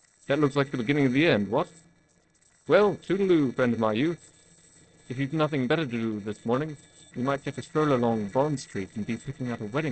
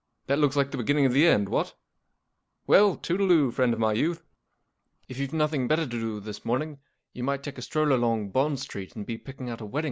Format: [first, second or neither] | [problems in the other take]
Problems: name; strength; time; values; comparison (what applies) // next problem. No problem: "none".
second | noise reduction (neural separator model SepFormer DNS4)